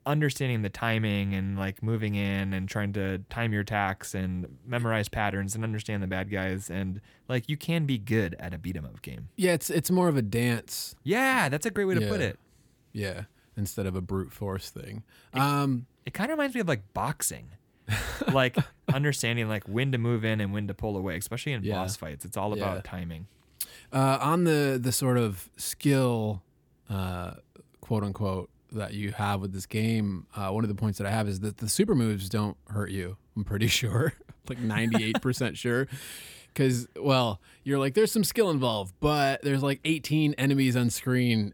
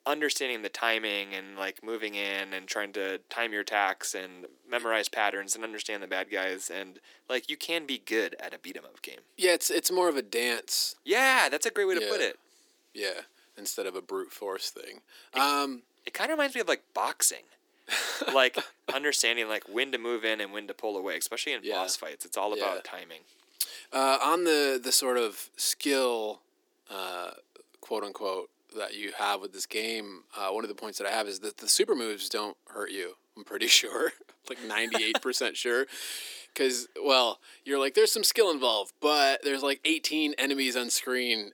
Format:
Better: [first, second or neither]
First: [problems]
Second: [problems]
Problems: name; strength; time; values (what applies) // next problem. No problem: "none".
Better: first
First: none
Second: thin; very; fading below 300 Hz